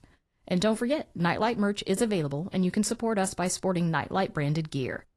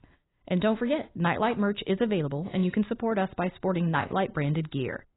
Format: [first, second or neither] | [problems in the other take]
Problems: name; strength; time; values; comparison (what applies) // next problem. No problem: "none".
first | garbled, watery; badly; nothing above 4 kHz; slightly in the first